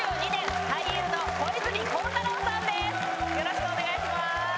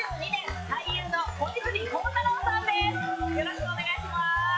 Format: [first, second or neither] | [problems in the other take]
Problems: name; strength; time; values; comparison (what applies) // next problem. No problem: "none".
first | noise reduction (classical method log-MMSE)